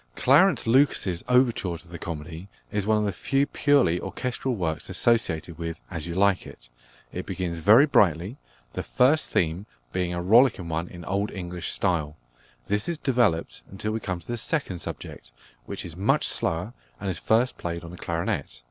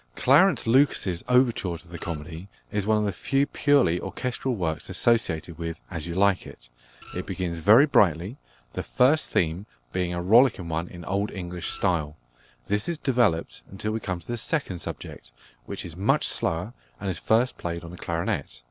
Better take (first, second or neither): first